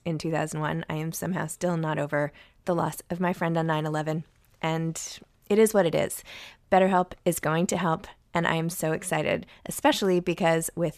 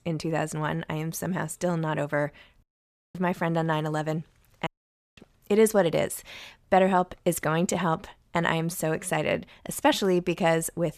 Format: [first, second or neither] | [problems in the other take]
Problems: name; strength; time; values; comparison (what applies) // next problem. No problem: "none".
first | audio cutting out; at 2.5 s for 0.5 s and at 4.5 s for 0.5 s